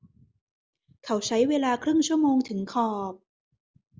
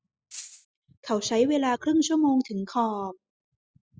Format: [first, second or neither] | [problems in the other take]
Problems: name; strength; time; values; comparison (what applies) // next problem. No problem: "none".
first | noise reduction (classical method spectral subtraction)